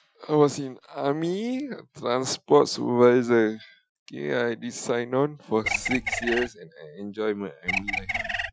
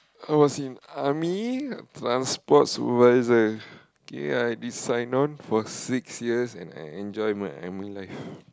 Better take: second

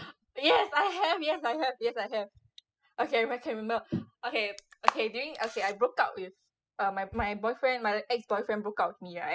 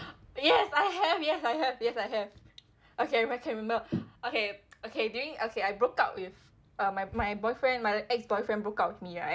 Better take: second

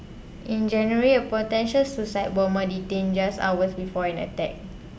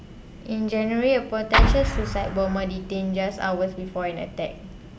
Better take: first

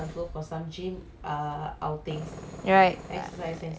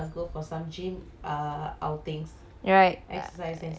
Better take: second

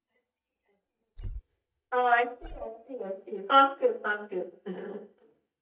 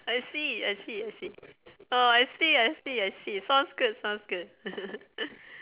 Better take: second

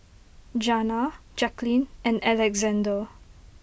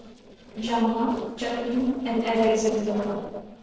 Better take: first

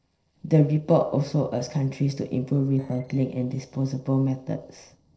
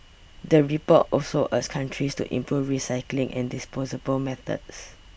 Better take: second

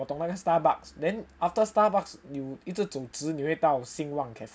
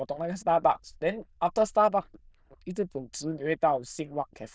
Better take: first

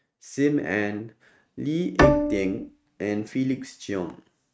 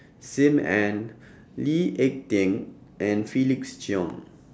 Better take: second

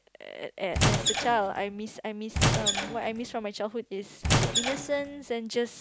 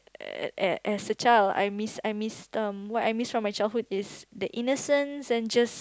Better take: second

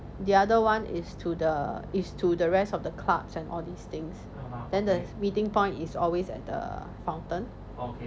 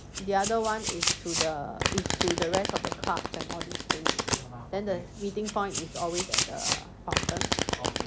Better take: first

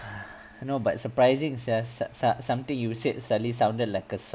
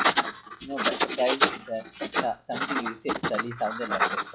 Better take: first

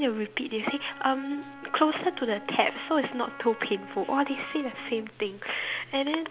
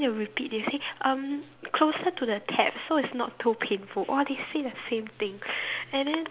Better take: second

